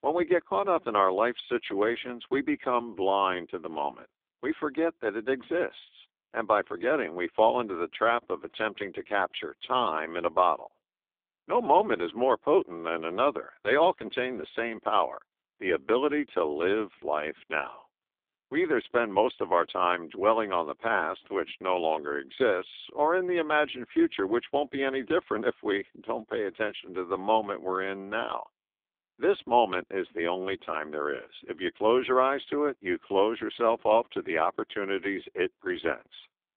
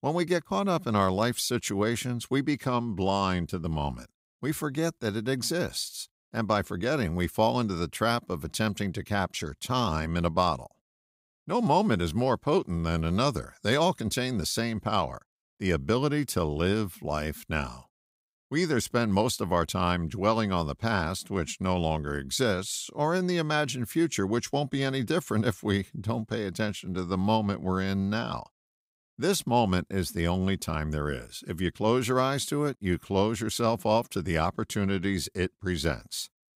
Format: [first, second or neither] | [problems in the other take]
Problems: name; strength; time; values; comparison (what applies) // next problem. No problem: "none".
second | phone-call audio; poor line; nothing above 3.5 kHz